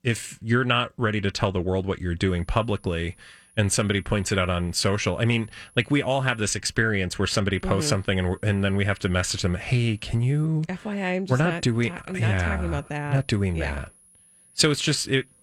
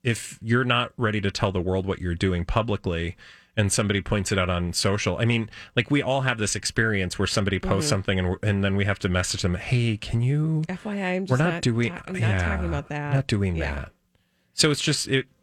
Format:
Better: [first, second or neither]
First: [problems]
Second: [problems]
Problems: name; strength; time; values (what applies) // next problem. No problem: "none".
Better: second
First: high-pitched whine; faint; from 2.5 to 6.5 s, from 7.5 to 10 s and from 12 s on; 10.5 kHz, 30 dB below the speech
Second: none